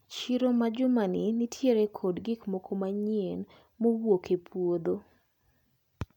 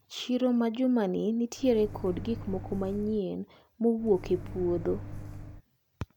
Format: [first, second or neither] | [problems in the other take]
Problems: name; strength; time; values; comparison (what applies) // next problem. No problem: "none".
first | background sound (Microwave oven); 10 dB below the speech